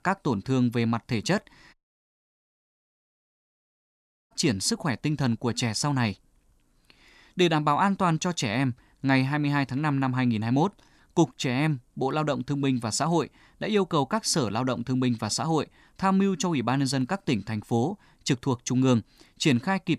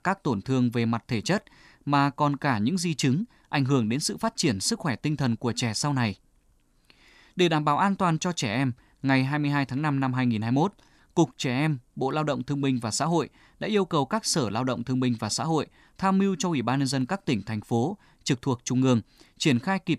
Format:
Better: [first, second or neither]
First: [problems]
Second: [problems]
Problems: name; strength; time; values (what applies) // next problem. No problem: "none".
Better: second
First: audio cutting out; at 1.5 s for 2.5 s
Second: none